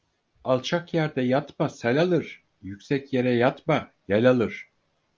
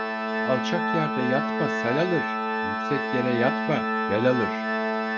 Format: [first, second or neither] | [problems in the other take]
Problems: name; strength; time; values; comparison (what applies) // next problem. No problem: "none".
first | background sound (Organ); 1 dB above the speech